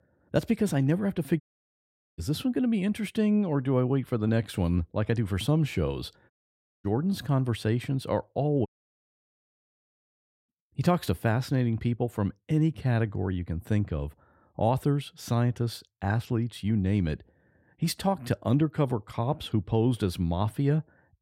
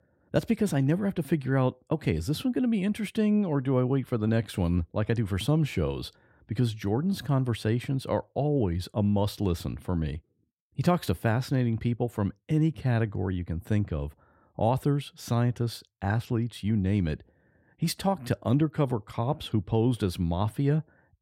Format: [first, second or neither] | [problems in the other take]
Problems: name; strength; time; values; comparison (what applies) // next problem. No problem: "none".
second | audio cutting out; at 1.5 s for 1 s, at 6.5 s for 0.5 s and at 8.5 s for 2 s